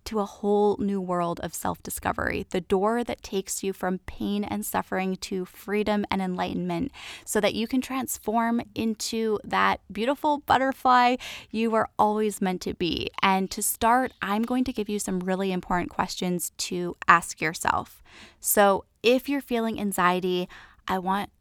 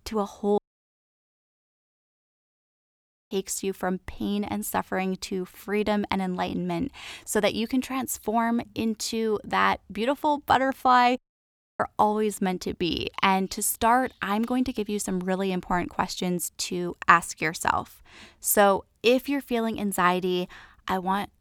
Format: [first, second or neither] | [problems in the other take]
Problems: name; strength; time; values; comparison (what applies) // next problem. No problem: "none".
first | audio cutting out; at 0.5 s for 2.5 s and at 11 s for 0.5 s